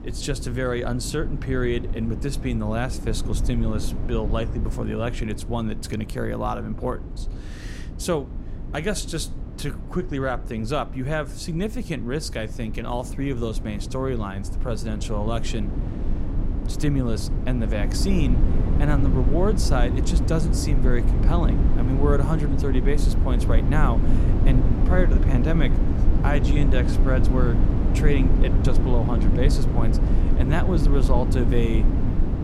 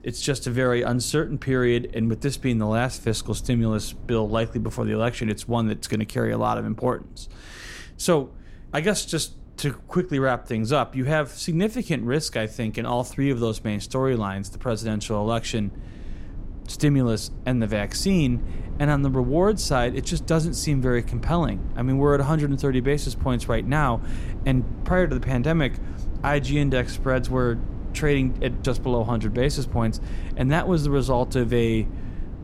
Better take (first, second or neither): second